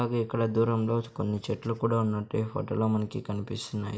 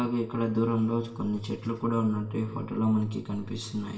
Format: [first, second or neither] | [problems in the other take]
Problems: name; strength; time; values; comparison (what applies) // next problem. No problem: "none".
first | room echo; dies away in 0.9 s